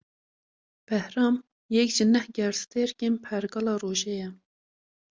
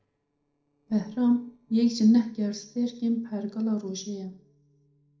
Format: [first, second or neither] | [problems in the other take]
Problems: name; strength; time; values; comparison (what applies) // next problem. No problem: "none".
first | noise reduction (neural separator model SepFormer DNS4)